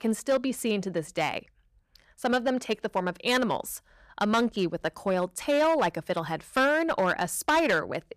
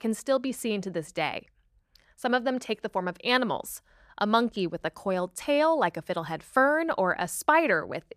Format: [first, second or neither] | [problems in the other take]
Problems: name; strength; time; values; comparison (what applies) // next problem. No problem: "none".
second | distortion; slight; 5% of the sound clipped